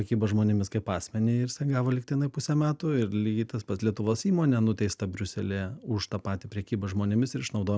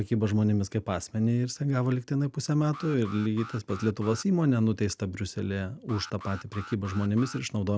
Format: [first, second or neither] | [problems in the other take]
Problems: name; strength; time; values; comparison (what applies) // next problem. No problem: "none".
first | background sound (Alarm); 17 dB below the speech